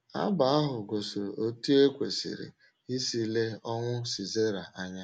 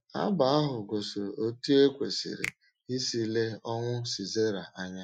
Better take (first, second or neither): first